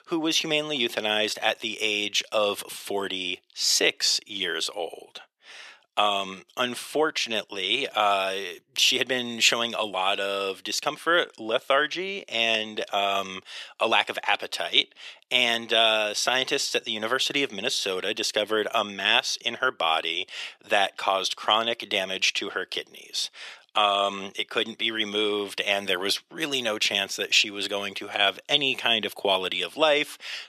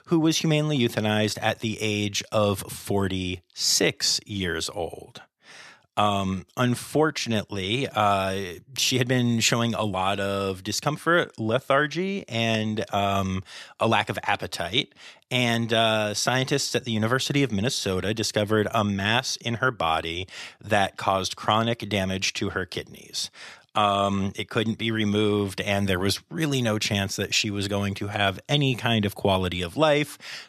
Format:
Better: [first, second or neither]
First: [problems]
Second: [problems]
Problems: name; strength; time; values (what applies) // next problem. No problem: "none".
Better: second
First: thin; somewhat; fading below 450 Hz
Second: none